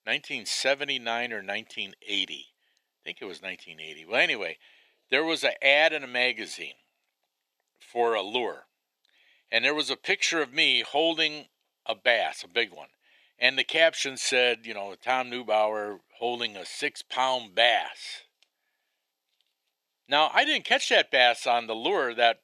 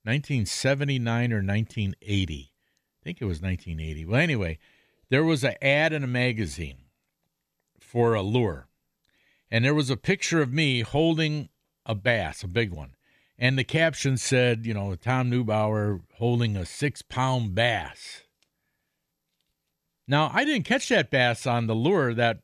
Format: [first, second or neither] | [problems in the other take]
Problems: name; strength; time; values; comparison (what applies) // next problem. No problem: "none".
second | thin; very; fading below 350 Hz